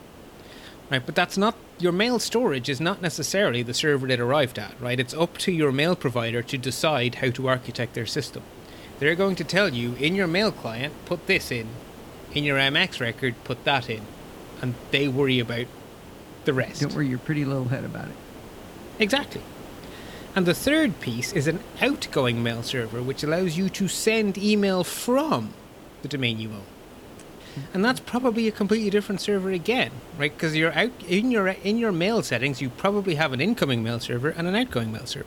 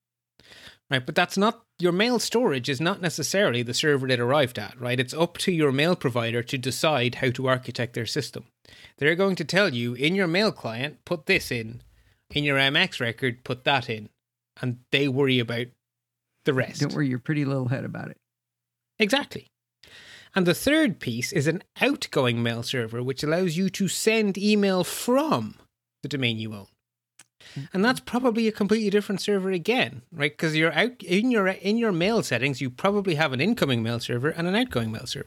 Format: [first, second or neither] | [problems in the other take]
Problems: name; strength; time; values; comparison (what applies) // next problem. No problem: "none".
second | hiss; noticeable; throughout; 20 dB below the speech